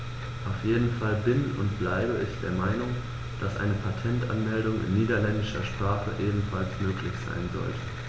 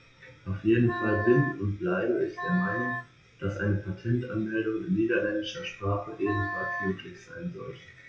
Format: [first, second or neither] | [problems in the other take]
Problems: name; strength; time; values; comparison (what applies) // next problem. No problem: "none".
first | noise reduction (classical method WPE with log-MMSE)